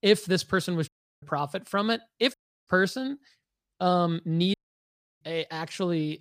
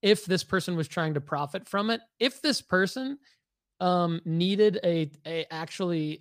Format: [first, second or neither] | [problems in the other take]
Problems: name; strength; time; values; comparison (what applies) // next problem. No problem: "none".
second | audio cutting out; at 1 s, at 2.5 s and at 4.5 s for 0.5 s